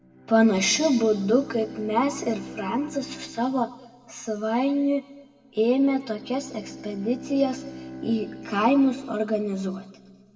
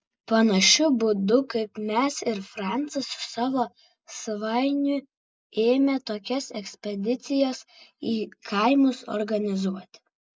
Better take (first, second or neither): second